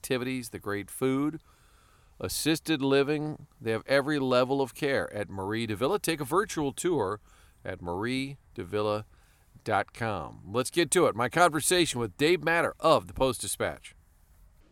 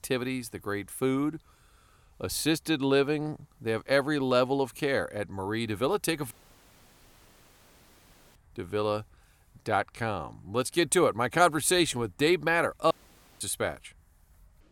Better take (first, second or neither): first